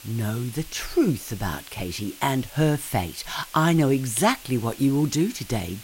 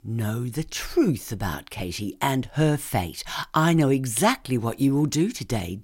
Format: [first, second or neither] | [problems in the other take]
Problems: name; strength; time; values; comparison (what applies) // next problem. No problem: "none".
second | hiss; noticeable; throughout; 15 dB below the speech